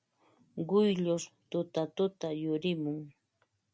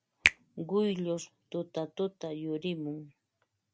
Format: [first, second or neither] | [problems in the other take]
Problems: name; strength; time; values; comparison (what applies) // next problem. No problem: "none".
first | background sound (Finger snapping); 1 dB below the speech